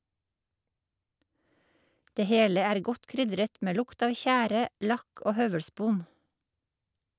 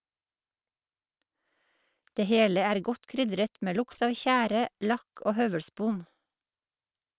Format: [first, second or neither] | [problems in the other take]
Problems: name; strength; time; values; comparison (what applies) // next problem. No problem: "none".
first | noise reduction (neural separator model SepFormer WHAM!)